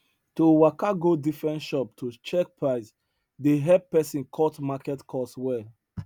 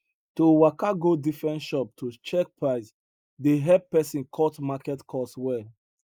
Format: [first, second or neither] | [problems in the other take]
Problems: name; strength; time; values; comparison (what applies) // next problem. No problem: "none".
first | noise reduction (neural mask model Resemble Enhance denoiser)